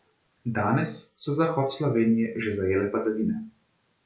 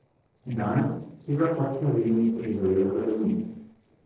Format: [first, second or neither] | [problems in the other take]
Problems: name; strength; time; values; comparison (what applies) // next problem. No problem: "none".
first | noise reduction (neural separator model SepFormer DNS4)